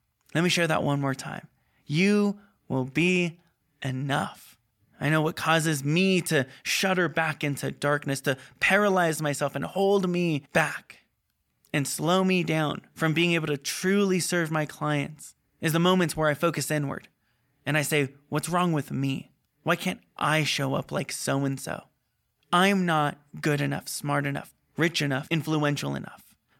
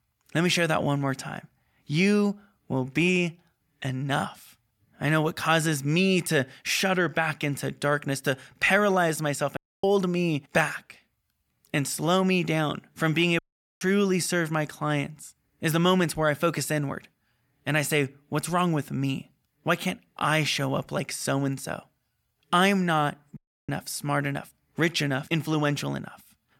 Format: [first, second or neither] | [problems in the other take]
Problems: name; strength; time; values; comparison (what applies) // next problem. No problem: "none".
first | audio cutting out; at 9.5 s, at 13 s and at 23 s